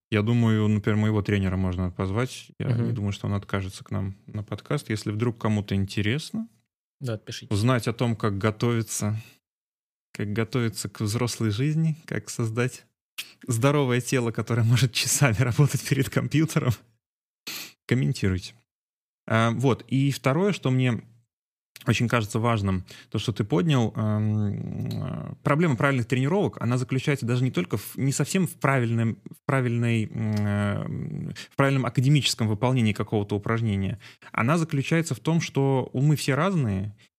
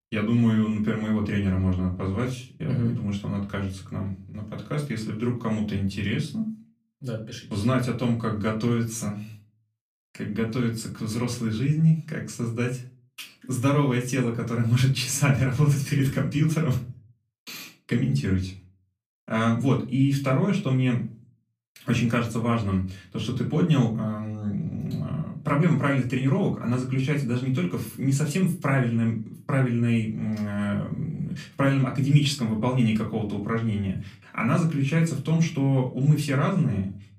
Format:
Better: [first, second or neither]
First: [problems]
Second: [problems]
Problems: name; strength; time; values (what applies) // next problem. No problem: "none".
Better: first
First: none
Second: off-mic speech; far // room echo; very slight; dies away in 0.3 s